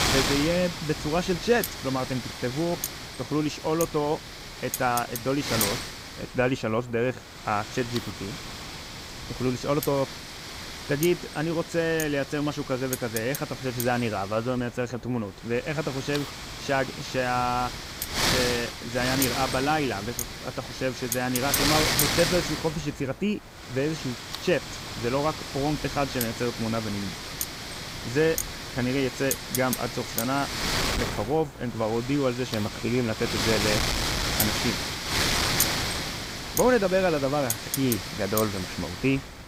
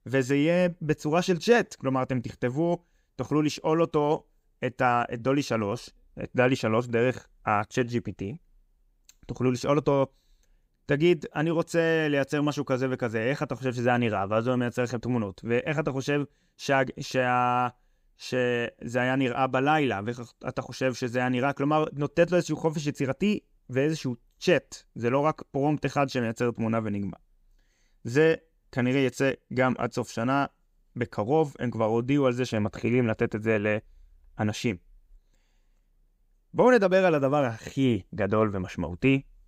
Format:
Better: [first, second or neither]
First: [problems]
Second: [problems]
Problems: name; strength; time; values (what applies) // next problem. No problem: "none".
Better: second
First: wind noise on the microphone; heavy; 2 dB below the speech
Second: none